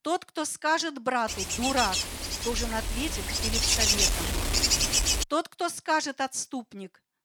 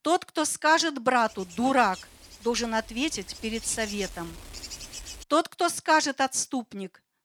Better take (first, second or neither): second